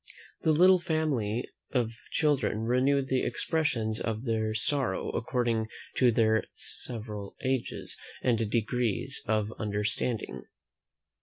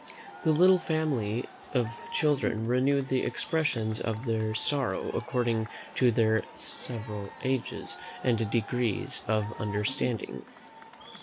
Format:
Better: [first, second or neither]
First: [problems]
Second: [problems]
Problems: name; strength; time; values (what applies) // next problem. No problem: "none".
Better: first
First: none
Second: background sound (Crowd / Cheering); 15 dB below the speech